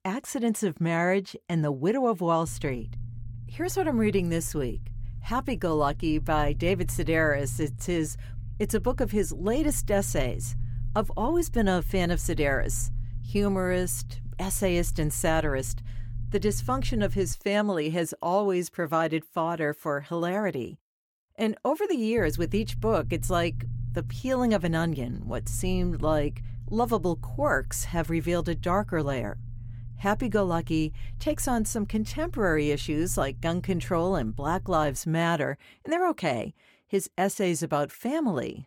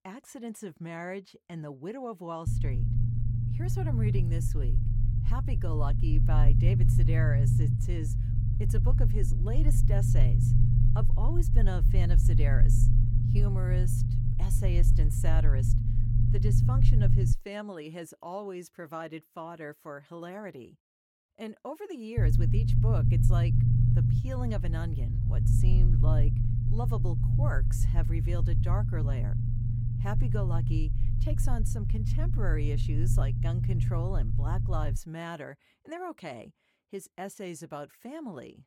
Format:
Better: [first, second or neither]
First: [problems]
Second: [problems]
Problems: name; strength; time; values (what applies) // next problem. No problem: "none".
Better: first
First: low rumble; faint; from 2.5 to 17 s and from 22 to 35 s; 25 dB below the speech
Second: low rumble; loud; from 2.5 to 17 s and from 22 to 35 s; as loud as the speech